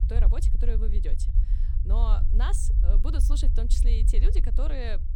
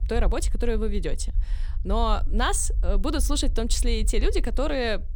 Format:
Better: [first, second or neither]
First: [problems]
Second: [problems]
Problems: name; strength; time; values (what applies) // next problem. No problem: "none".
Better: second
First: low rumble; loud; throughout; 8 dB below the speech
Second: low rumble; faint; throughout; 25 dB below the speech